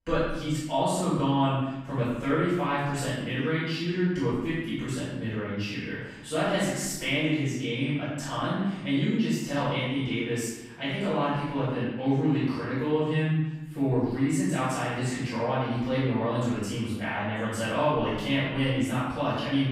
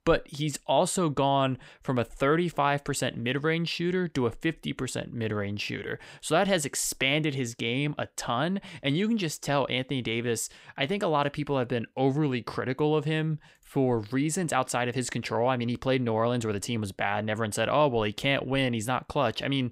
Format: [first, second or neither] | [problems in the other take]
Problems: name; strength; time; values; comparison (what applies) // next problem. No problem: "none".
second | off-mic speech; far // room echo; strong; dies away in 1 s